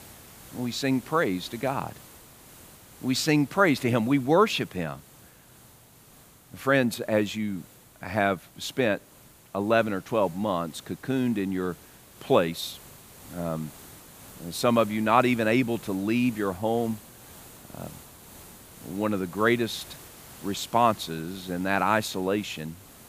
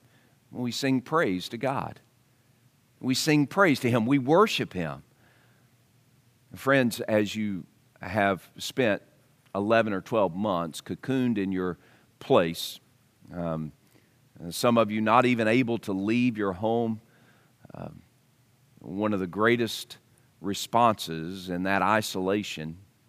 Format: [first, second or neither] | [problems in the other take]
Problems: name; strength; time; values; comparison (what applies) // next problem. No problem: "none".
second | hiss; faint; throughout; 20 dB below the speech